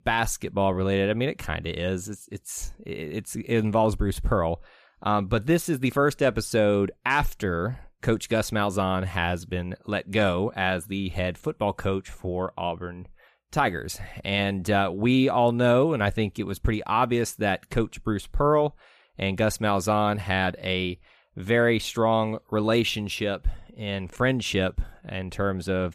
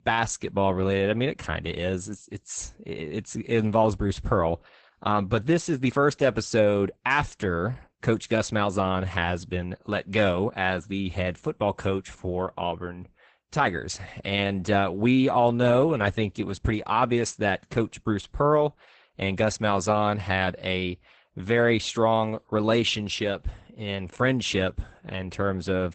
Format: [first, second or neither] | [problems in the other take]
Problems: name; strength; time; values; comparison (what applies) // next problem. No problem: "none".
first | garbled, watery; badly; nothing above 8 kHz